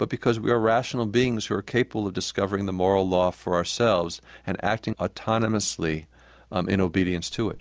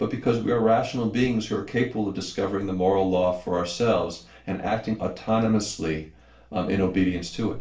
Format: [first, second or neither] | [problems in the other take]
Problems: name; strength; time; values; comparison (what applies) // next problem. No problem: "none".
first | room echo; dies away in 0.3 s